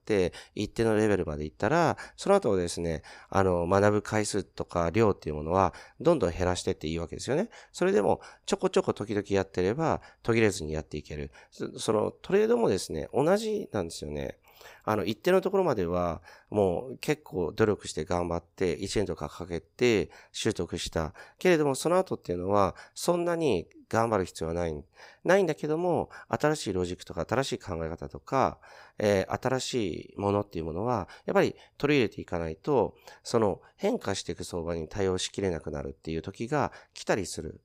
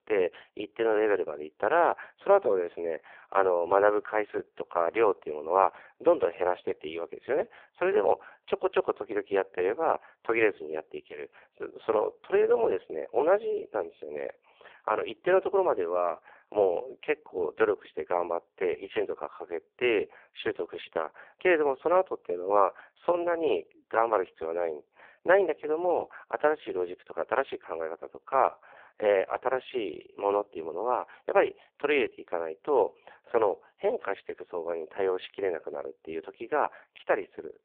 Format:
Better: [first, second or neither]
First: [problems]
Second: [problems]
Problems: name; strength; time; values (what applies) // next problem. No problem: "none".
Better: first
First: none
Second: phone-call audio; poor line